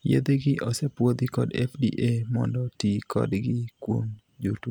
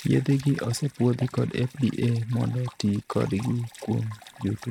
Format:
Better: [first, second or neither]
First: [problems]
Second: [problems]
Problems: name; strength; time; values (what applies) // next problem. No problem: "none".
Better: first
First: none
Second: noise reduction (neural mask model RNNoise)